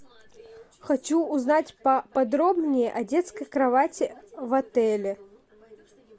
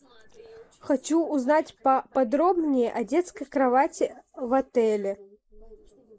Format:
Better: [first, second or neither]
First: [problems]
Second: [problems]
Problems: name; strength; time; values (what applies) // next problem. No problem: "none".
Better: first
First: none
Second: noise reduction (neural mask model Resemble Enhance denoiser)